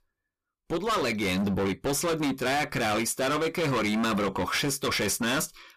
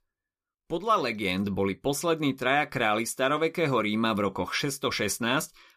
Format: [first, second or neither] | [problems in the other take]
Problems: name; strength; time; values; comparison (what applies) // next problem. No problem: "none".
second | distortion; heavy; 26% of the sound clipped